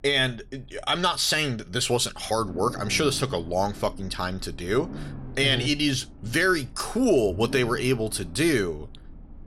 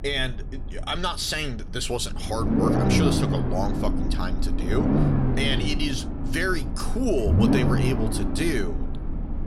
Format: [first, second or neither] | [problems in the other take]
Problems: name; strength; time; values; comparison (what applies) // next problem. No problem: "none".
first | low rumble; loud; throughout; 3 dB below the speech; faint in the first